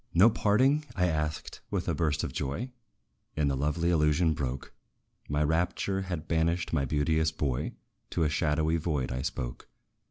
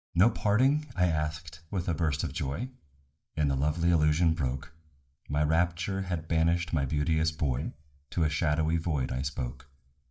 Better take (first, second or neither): first